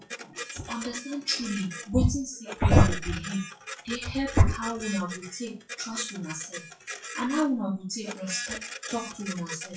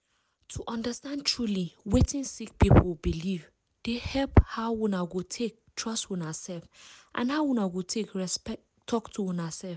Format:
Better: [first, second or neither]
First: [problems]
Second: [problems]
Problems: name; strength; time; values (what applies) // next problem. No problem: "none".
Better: second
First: noise reduction (classical method WPE with log-MMSE)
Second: none